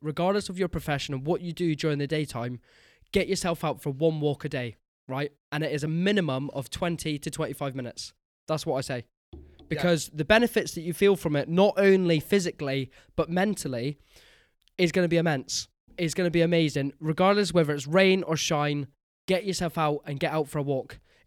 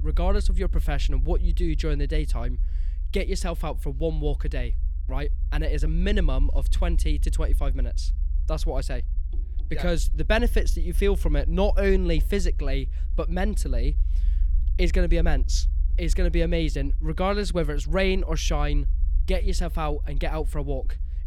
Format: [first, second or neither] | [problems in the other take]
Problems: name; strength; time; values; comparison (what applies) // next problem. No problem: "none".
first | low rumble; faint; throughout; 20 dB below the speech